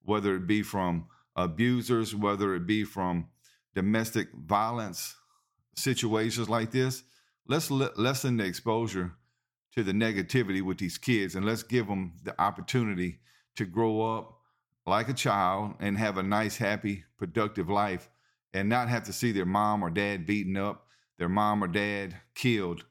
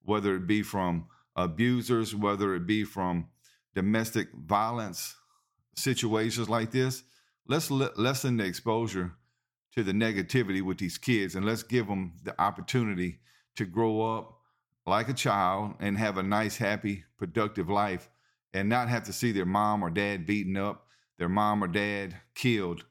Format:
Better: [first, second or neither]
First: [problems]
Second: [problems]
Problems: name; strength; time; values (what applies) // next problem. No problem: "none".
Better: neither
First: none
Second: none